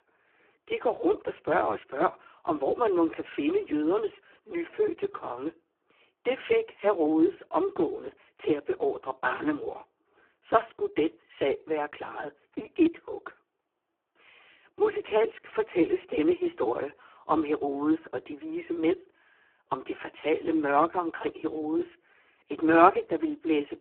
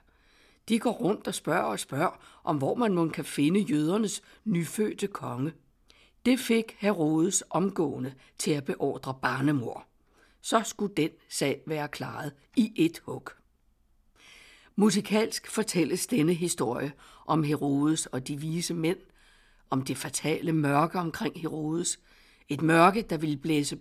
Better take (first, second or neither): second